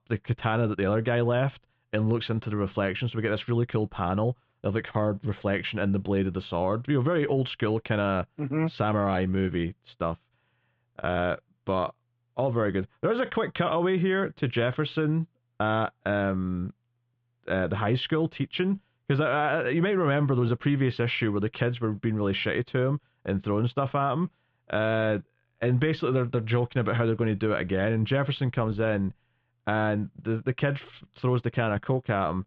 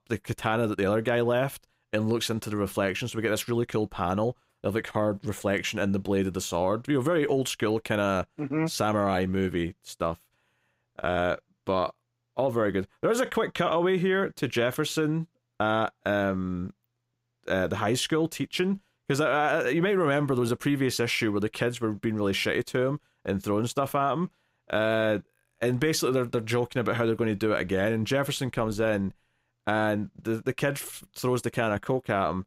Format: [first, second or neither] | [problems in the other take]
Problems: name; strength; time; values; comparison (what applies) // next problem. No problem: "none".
second | muffled; very; fading above 3.5 kHz